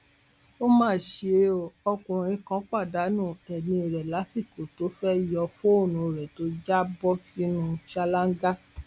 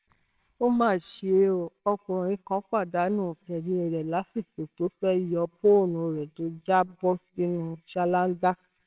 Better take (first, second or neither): first